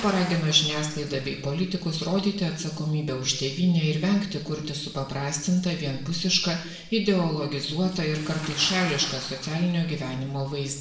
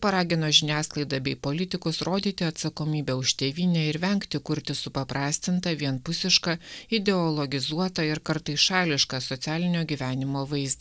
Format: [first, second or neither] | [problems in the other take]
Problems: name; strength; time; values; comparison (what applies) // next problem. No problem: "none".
second | background sound (Bathtub (filling or washing) / Splash, splatter); 19 dB below the speech // room echo; dies away in 0.8 s